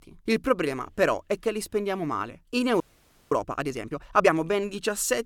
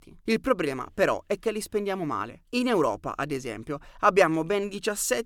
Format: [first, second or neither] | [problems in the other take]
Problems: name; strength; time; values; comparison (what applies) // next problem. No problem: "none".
second | audio freezing; at 3 s for 0.5 s